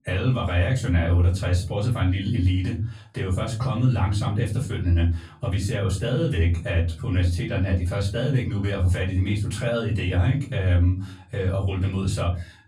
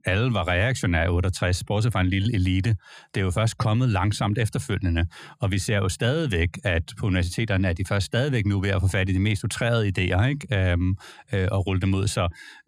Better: second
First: off-mic speech; far // room echo; slight; dies away in 0.3 s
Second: none

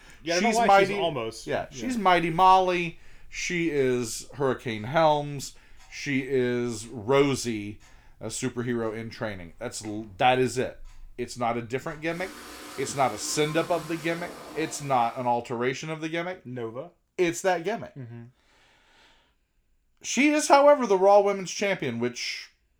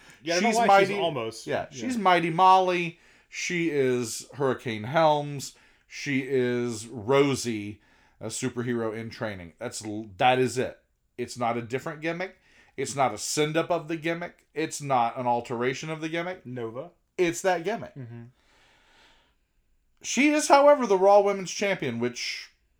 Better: second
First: household noises; faint; until 15 s; 20 dB below the speech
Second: none

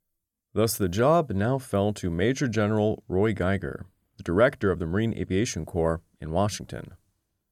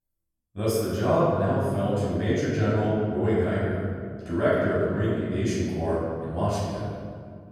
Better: first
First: none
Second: off-mic speech; far // room echo; strong; dies away in 1.9 s

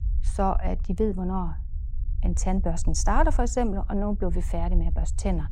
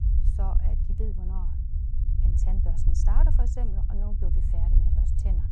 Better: first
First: low rumble; faint; throughout; 20 dB below the speech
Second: low rumble; loud; throughout; 1 dB below the speech

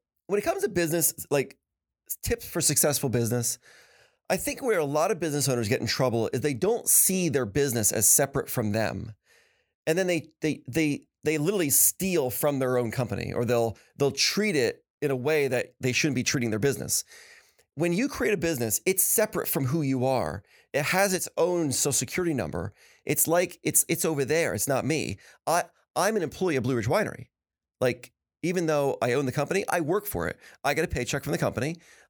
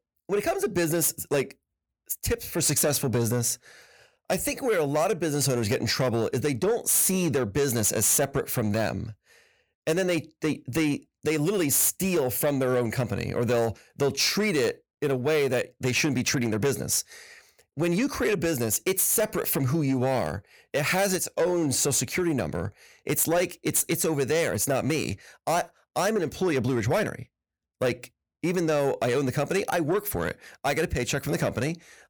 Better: first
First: none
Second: distortion; slight; 10 dB below the speech

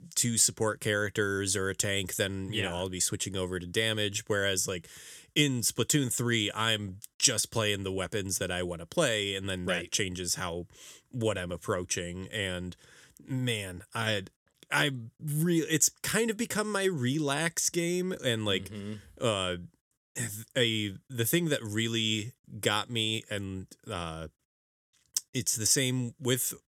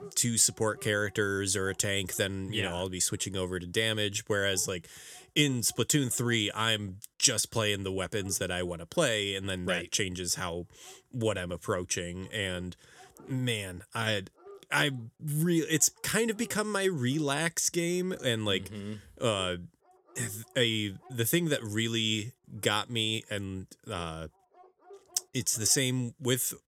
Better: first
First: none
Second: animal sounds; faint; throughout; 25 dB below the speech

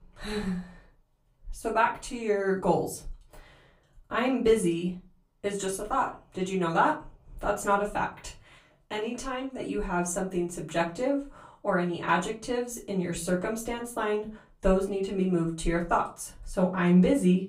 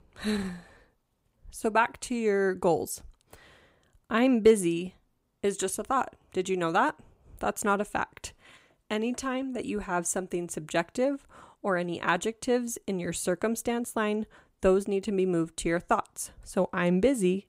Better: second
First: off-mic speech; far // room echo; very slight; dies away in 0.3 s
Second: none

